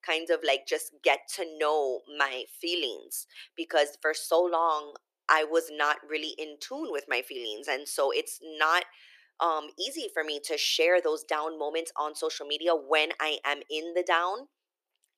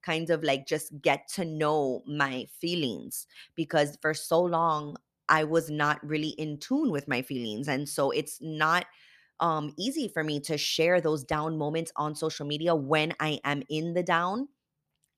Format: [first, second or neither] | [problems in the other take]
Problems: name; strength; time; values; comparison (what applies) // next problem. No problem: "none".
second | thin; very; fading below 350 Hz